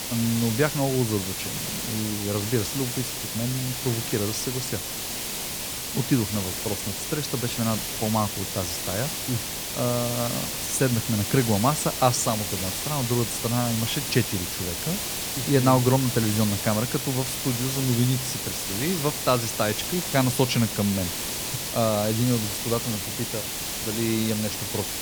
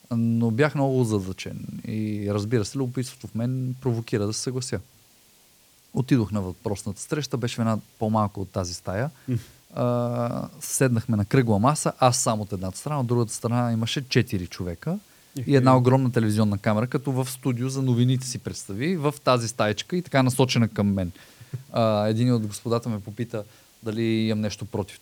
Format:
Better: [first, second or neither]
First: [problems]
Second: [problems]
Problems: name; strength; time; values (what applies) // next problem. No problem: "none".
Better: second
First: hiss; loud; throughout; 2 dB below the speech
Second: hiss; faint; throughout; 30 dB below the speech